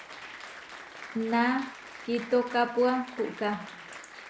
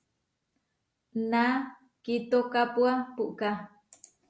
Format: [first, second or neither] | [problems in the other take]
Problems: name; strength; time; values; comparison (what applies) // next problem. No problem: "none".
second | background sound (Applause); 14 dB below the speech